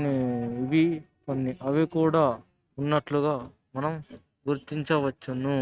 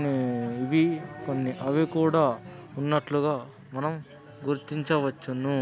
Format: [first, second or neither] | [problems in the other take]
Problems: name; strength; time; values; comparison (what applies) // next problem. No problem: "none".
second | noise reduction (neural mask model RNNoise)